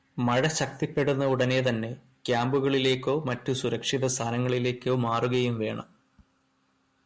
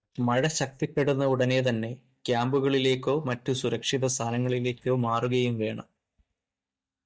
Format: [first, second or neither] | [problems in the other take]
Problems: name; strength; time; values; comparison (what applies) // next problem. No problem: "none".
first | noise reduction (neural mask model DeepFilterNet 3)